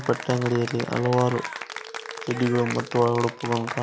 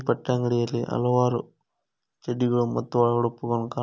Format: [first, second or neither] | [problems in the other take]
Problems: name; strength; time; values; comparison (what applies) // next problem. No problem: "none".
second | background sound (Applause / Cheering); 10 dB below the speech